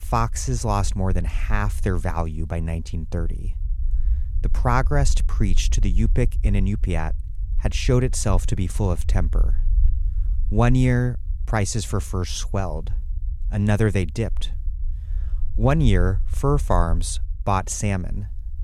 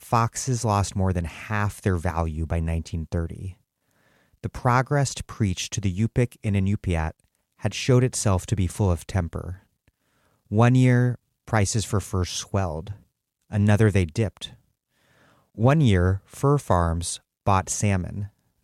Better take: second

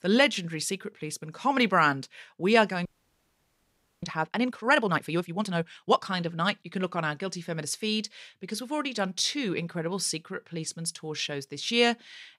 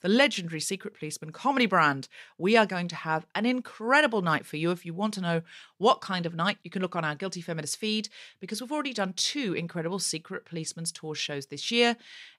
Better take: second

